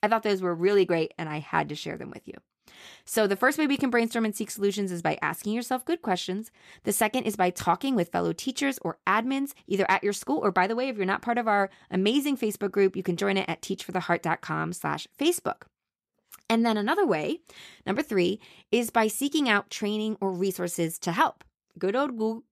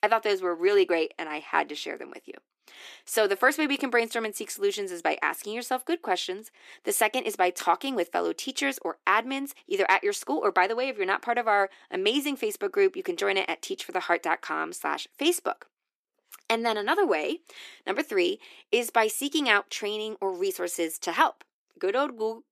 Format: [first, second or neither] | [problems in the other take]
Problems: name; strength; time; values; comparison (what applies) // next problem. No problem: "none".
first | thin; somewhat; fading below 300 Hz